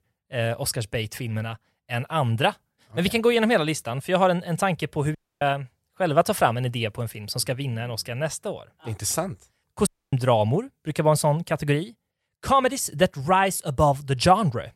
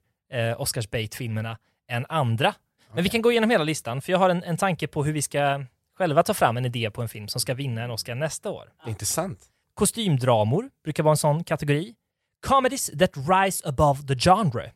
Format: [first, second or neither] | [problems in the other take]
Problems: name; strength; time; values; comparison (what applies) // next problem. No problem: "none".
second | audio cutting out; at 5 s and at 10 s